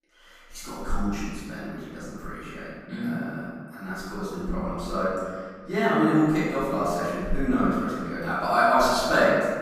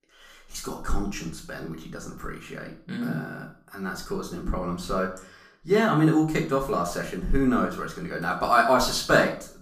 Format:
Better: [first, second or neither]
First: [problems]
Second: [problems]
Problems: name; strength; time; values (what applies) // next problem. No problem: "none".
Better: second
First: room echo; strong; dies away in 1.4 s // off-mic speech; far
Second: room echo; slight; dies away in 0.4 s // off-mic speech; far